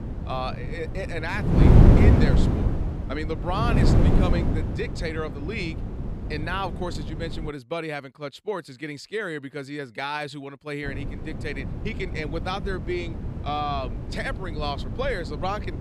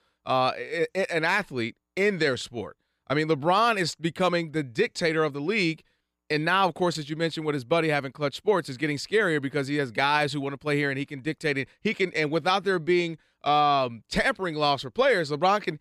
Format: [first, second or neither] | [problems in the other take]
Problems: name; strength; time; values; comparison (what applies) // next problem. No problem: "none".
second | wind noise on the microphone; heavy; until 7.5 s and from 11 s on; 2 dB below the speech